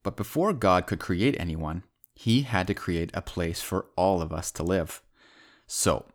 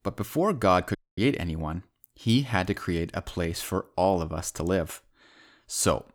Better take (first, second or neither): first